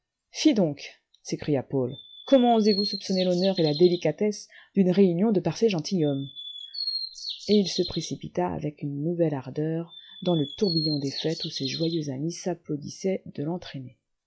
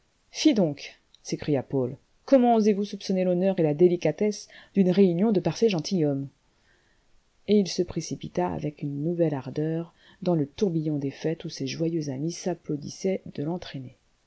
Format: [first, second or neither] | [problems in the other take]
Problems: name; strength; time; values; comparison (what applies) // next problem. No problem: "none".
second | noise reduction (classical method log-MMSE)